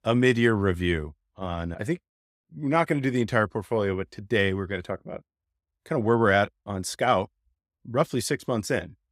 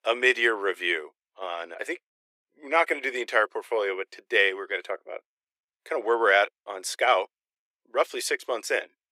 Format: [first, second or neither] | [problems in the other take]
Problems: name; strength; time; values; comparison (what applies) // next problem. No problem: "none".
first | thin; very; fading below 400 Hz